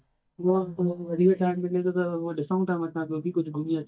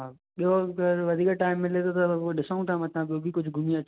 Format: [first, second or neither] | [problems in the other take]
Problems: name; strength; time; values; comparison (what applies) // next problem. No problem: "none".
second | noise reduction (neural mask model DeepFilterNet 3)